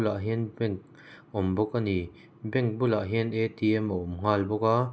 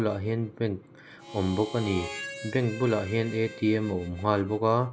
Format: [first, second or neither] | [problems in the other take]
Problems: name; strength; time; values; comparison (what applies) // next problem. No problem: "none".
first | background sound (Harmonica); 15 dB below the speech